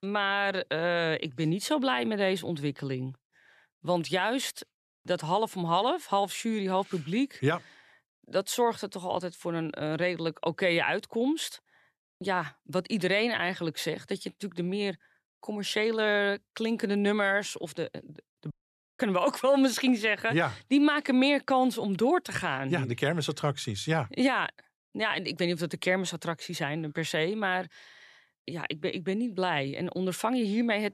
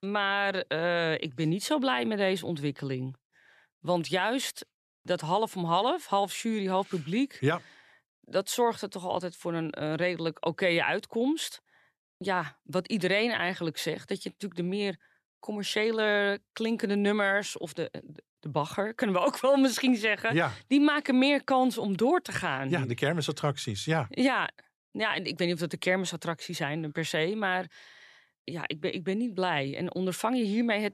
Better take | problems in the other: second | audio cutting out; at 19 s

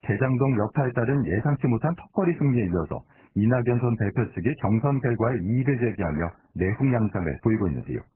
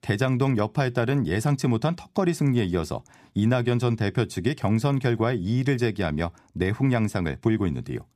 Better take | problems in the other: second | garbled, watery; badly; nothing above 2.5 kHz

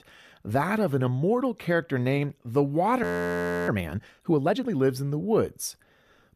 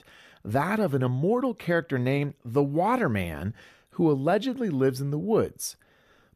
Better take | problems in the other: second | audio freezing; at 3 s for 0.5 s

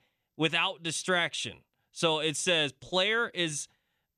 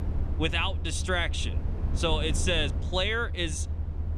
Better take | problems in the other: first | low rumble; noticeable; throughout; 15 dB below the speech

